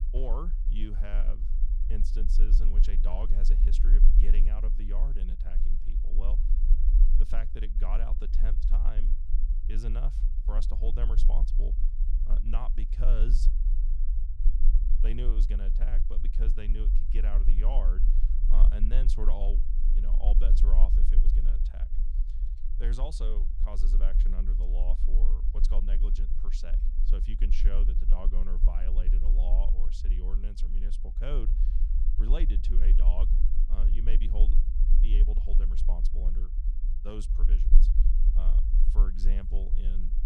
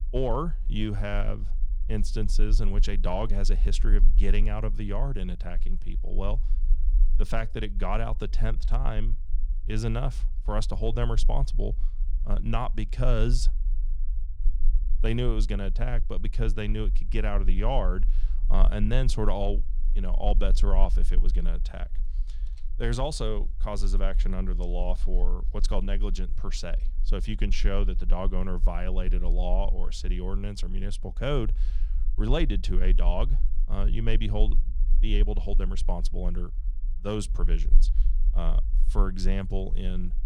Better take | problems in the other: second | low rumble; loud; throughout; 7 dB below the speech; faint in the second

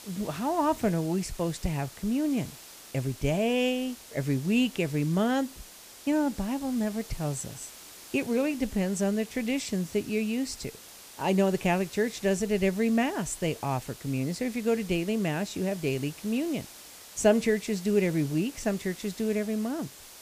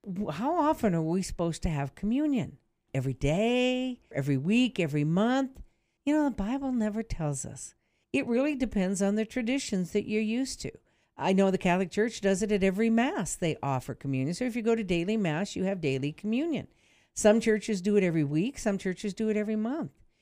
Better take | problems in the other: second | hiss; noticeable; throughout; 15 dB below the speech

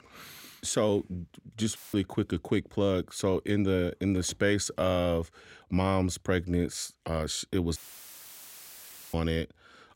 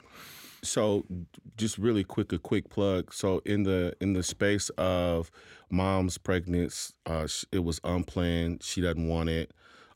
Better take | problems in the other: second | audio cutting out; filled with static; at 2 s and at 8 s for 1.5 s

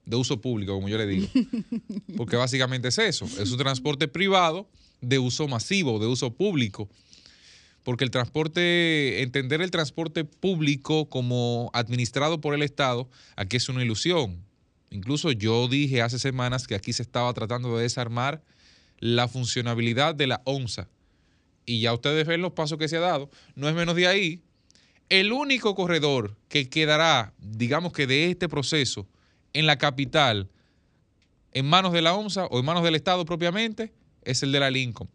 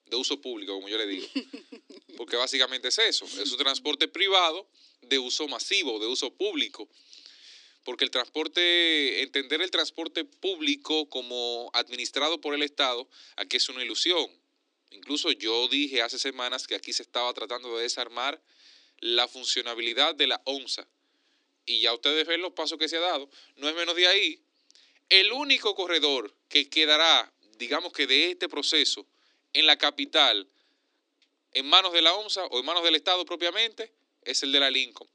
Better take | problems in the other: first | thin; somewhat; fading below 300 Hz

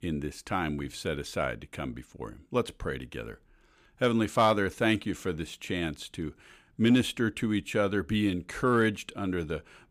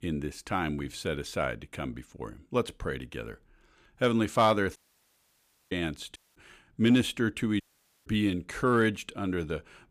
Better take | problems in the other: first | audio cutting out; at 5 s for 1 s, at 6 s and at 7.5 s

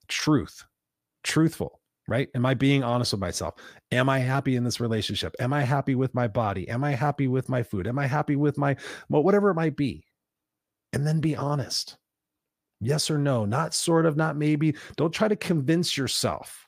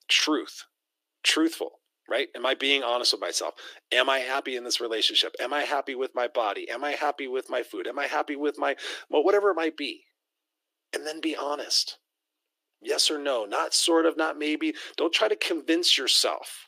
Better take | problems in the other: first | thin; very; fading below 300 Hz

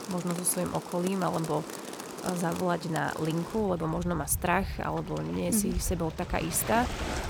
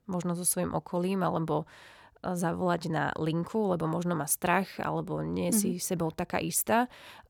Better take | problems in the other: second | rain or running water; loud; throughout; 9 dB below the speech

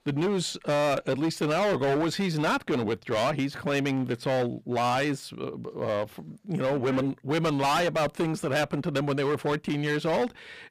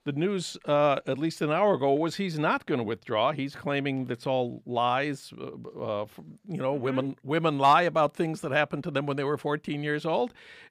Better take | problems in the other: second | distortion; heavy; 18% of the sound clipped

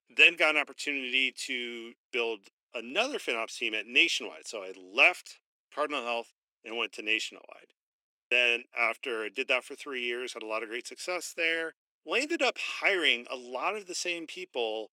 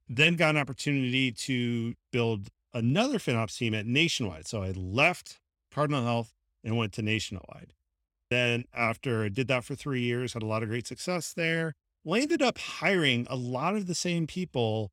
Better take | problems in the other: second | thin; very; fading below 350 Hz

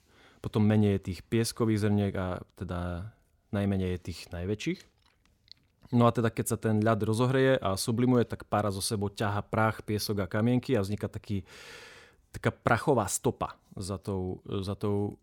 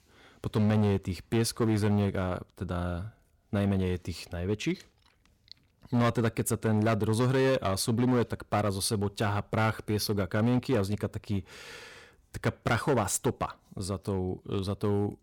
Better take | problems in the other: first | distortion; slight; 7% of the sound clipped

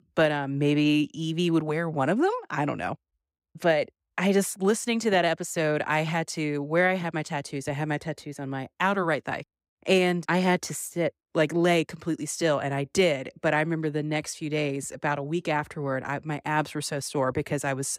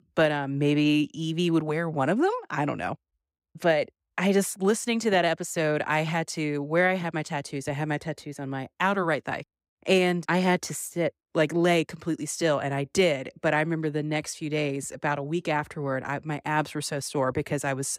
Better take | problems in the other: neither | none

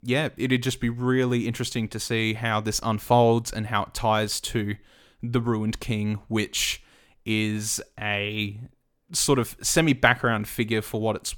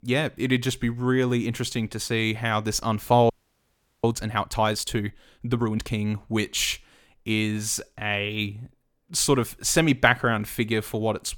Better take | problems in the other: first | audio freezing; at 3.5 s for 0.5 s

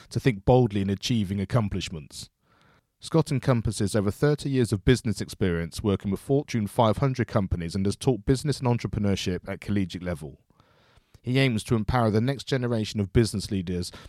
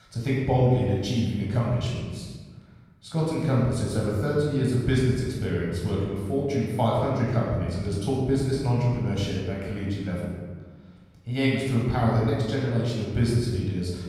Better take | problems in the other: first | off-mic speech; far // room echo; strong; dies away in 1.3 s

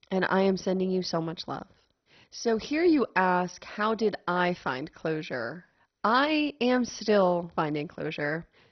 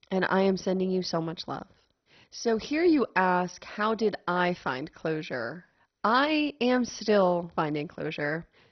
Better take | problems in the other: neither | garbled, watery; badly; nothing above 6 kHz; the same in both

